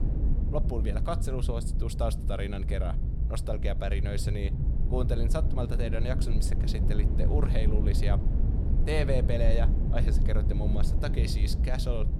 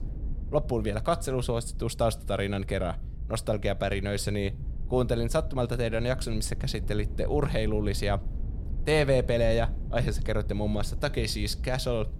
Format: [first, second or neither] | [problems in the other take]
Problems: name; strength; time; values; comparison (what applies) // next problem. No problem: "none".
second | low rumble; loud; throughout; 7 dB below the speech; faint in the second